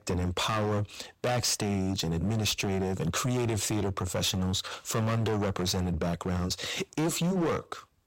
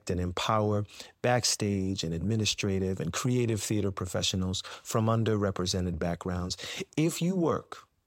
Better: second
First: distortion; heavy; 20% of the sound clipped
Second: none

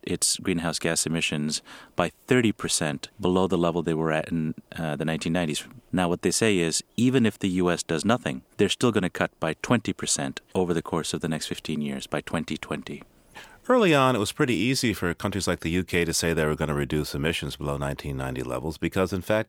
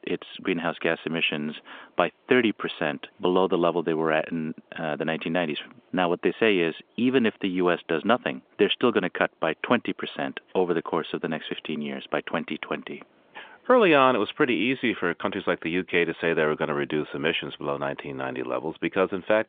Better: first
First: none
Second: phone-call audio; nothing above 3 kHz

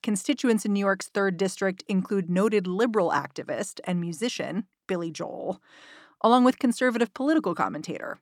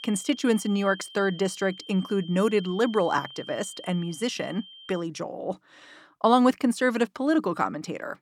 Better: first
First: none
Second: high-pitched whine; noticeable; until 5 s; 3 kHz, 15 dB below the speech

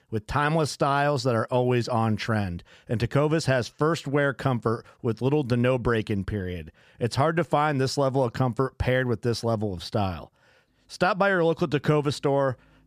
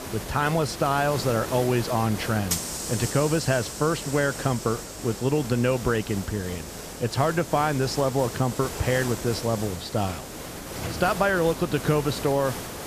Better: first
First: none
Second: hiss; loud; throughout; 8 dB below the speech

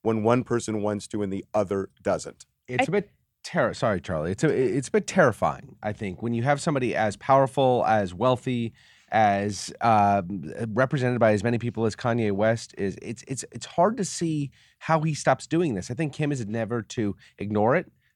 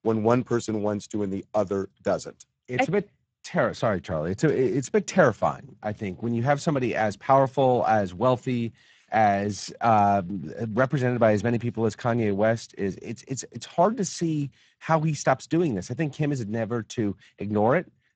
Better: first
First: none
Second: garbled, watery; badly; nothing above 7.5 kHz

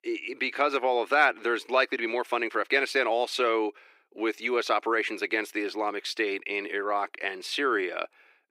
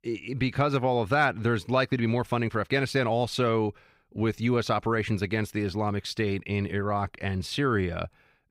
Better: second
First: thin; very; fading below 300 Hz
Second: none

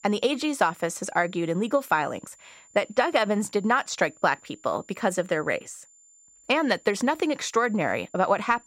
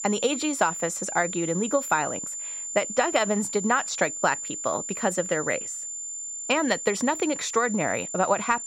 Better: first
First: high-pitched whine; faint; throughout; 7 kHz, 25 dB below the speech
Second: high-pitched whine; loud; throughout; 7 kHz, 5 dB below the speech

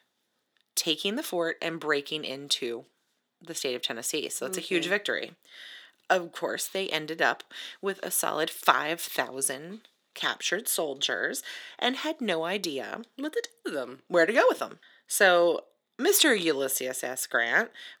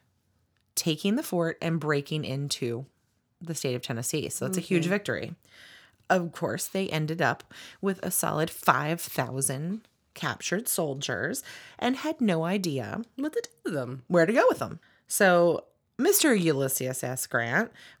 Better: second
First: thin; somewhat; fading below 300 Hz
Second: none

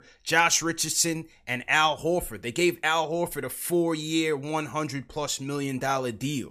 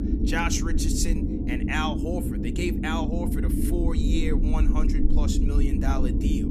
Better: first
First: none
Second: low rumble; loud; throughout; 2 dB below the speech

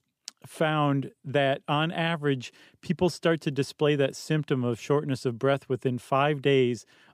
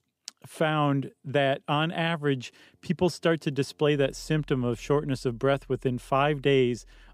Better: first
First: none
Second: background music; faint; throughout; 30 dB below the speech

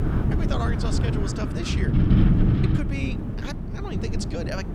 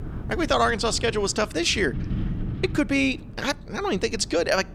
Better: second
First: wind noise on the microphone; heavy; 2 dB above the speech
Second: wind noise on the microphone; occasional gusts; 20 dB below the speech

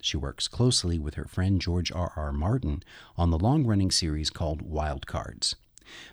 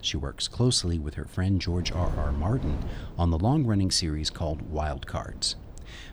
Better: first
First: none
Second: wind noise on the microphone; occasional gusts; 15 dB below the speech

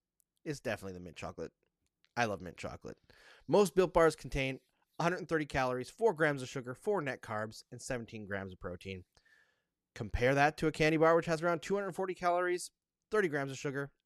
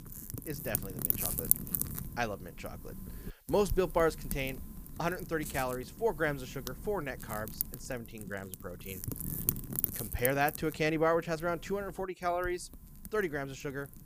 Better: first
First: none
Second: wind noise on the microphone; heavy; 10 dB below the speech

